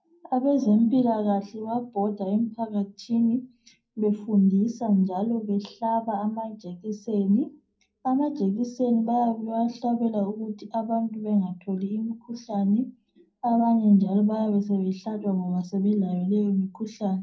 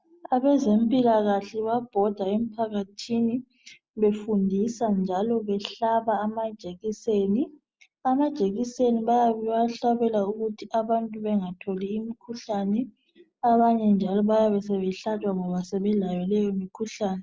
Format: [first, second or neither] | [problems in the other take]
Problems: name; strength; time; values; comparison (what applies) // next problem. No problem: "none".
second | room echo; dies away in 0.2 s